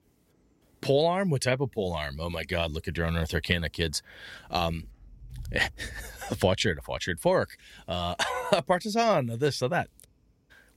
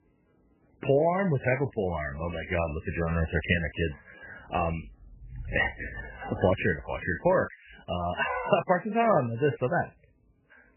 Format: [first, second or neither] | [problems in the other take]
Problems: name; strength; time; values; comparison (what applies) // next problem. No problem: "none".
first | garbled, watery; badly; nothing above 3 kHz